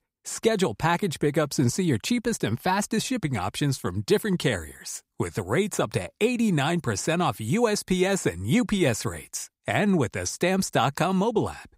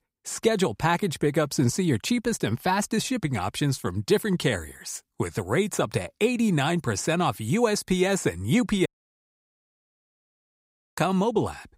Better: first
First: none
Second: audio cutting out; at 9 s for 2 s

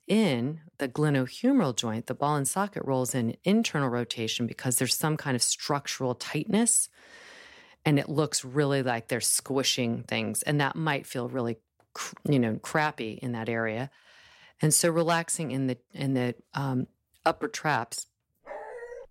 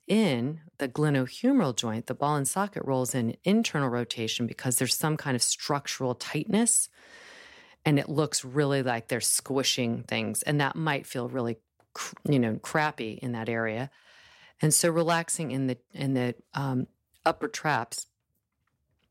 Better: second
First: dog barking; faint; at 18 s; peak 15 dB below the speech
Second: none

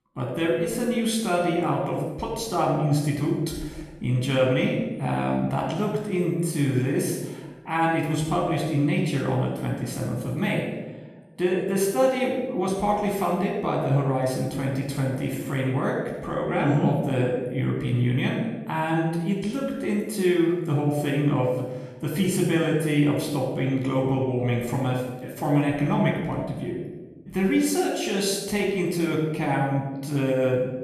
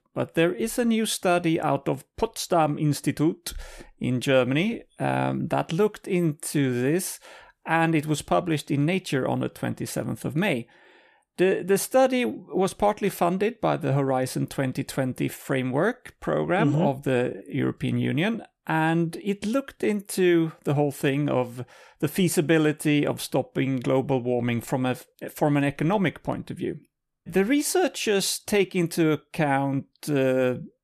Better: second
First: off-mic speech; far // room echo; noticeable; dies away in 1 s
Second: none

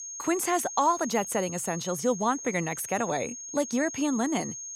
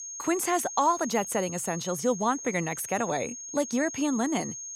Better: neither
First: high-pitched whine; loud; throughout; 6.5 kHz, 8 dB below the speech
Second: high-pitched whine; loud; throughout; 6.5 kHz, 8 dB below the speech

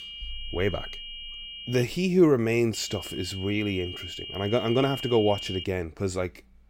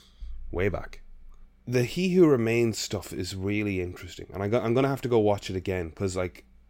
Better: second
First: high-pitched whine; noticeable; until 2 s and from 2.5 to 5.5 s; 3 kHz, 10 dB below the speech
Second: none

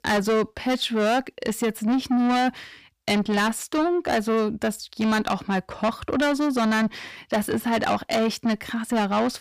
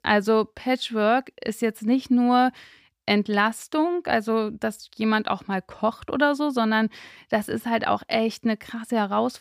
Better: second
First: distortion; heavy; 8 dB below the speech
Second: none

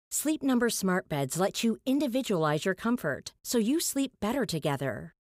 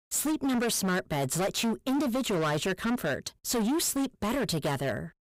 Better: first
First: none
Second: distortion; heavy; 25% of the sound clipped

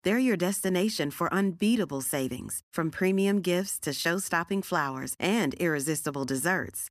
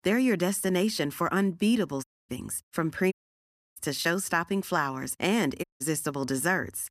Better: first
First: none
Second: audio cutting out; at 2 s, at 3 s for 0.5 s and at 5.5 s

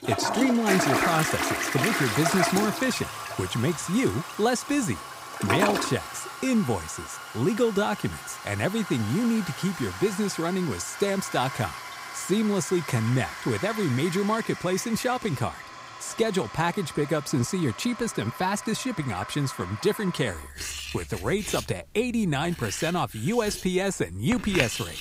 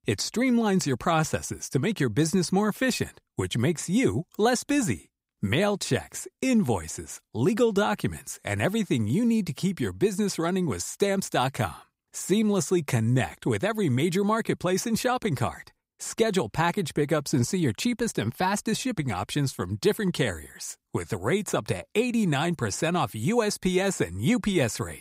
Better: second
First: household noises; loud; throughout; 5 dB below the speech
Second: none

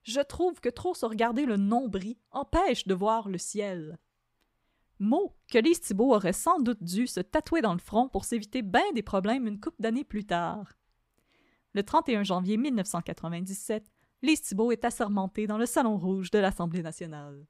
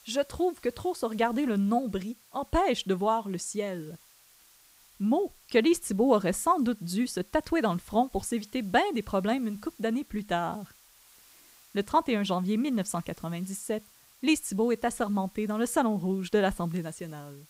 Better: first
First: none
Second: hiss; faint; throughout; 25 dB below the speech

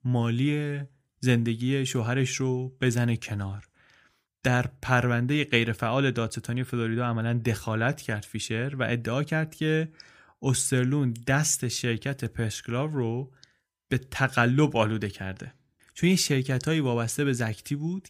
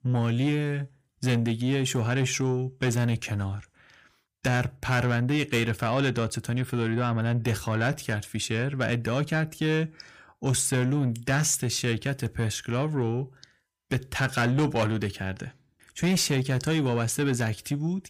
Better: first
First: none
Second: distortion; slight; 10 dB below the speech

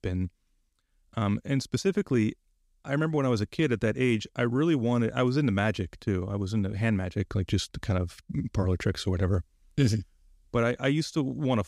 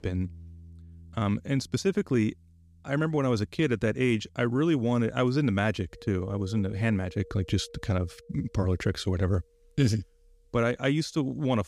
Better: first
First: none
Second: background music; faint; throughout; 25 dB below the speech

